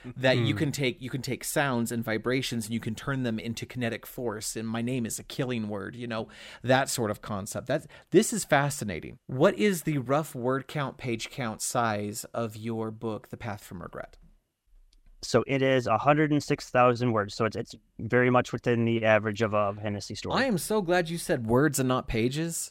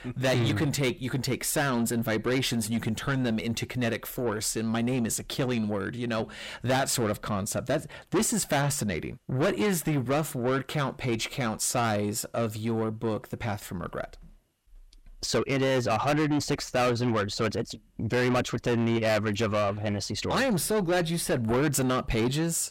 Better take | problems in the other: first | distortion; heavy; 6 dB below the speech

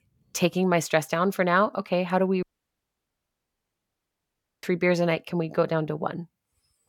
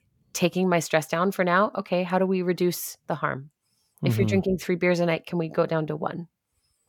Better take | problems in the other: second | audio cutting out; at 2.5 s for 2 s

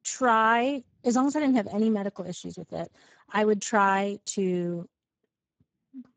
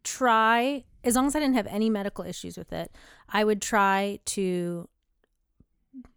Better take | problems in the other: second | garbled, watery; badly; nothing above 7.5 kHz

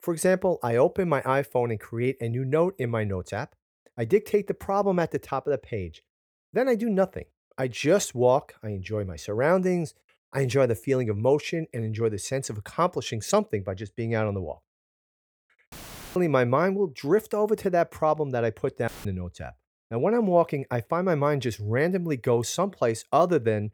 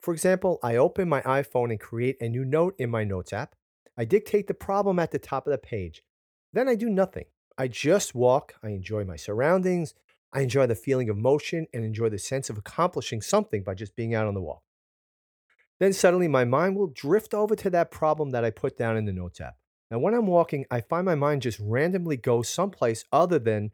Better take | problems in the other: second | audio cutting out; filled with static; at 16 s and at 19 s

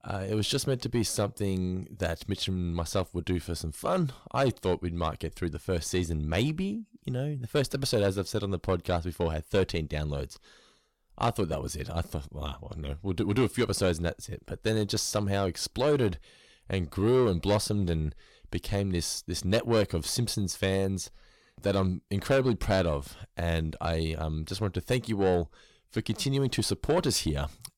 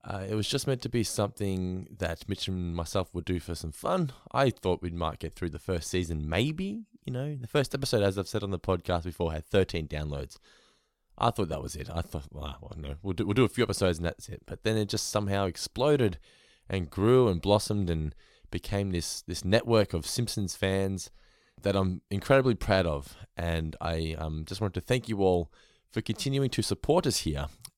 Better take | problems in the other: second | distortion; slight; 10 dB below the speech

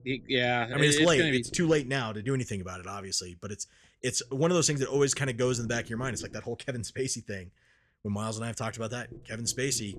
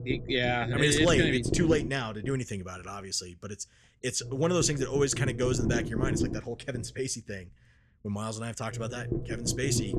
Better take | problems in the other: first | low rumble; loud; throughout; 8 dB below the speech; faint in the first

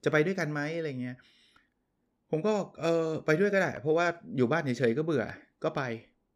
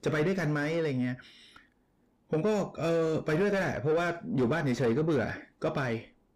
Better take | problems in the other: first | distortion; heavy; 7 dB below the speech

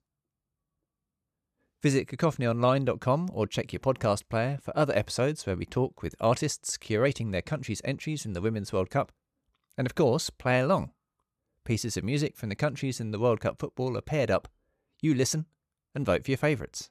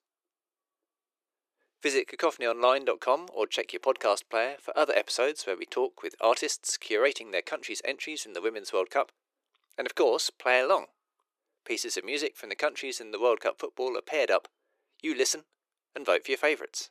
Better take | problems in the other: first | thin; very; fading below 350 Hz

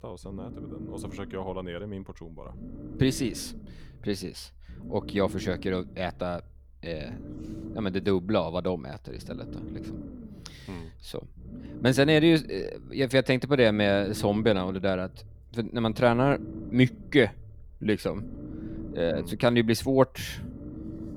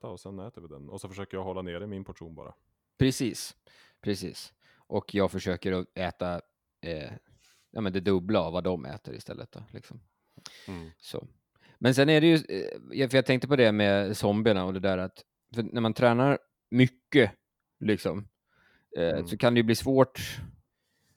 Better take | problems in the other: second | low rumble; noticeable; throughout; 20 dB below the speech

